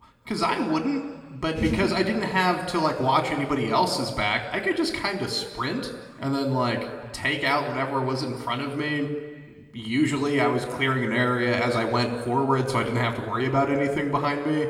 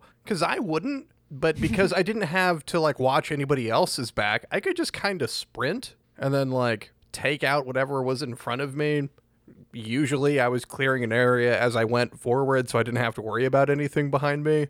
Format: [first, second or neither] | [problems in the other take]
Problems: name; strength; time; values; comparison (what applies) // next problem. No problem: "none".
second | room echo; slight; dies away in 1.4 s // off-mic speech; somewhat distant